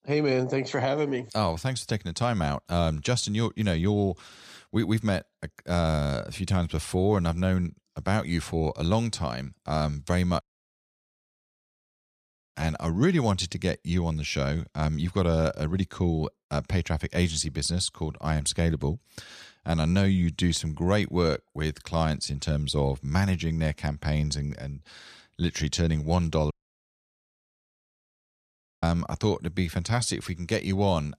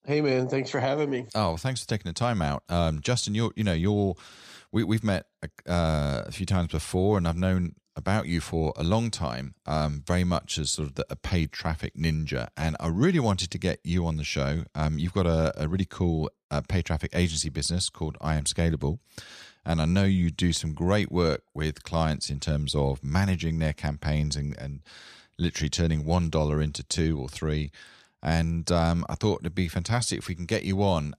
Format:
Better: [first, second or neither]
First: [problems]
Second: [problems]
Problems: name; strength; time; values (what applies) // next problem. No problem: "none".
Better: second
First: audio cutting out; at 10 s for 2 s and at 27 s for 2.5 s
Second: none